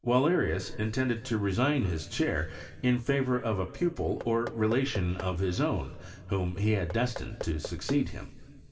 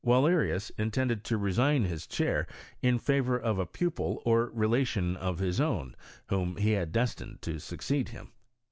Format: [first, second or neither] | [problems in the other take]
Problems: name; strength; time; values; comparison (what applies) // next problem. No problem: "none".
second | background sound (Knock / Wood); 16 dB below the speech // room echo; dies away in 2.6 s